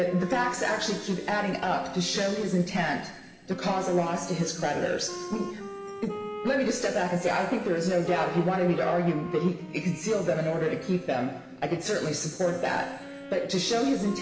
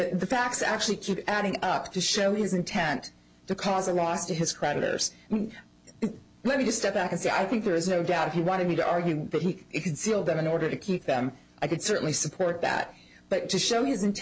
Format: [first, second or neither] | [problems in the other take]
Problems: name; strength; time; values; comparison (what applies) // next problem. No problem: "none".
second | background sound (Wind instrument, woodwind instrument); 13 dB below the speech // room echo; dies away in 2 s